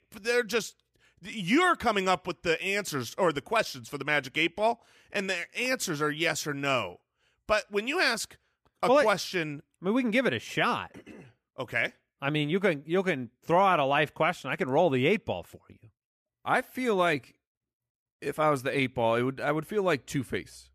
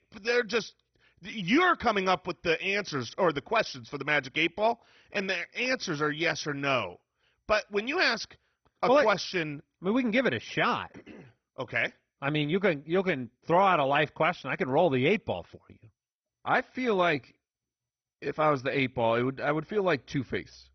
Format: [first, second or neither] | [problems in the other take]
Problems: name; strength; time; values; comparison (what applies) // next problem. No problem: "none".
first | garbled, watery; badly; nothing above 6 kHz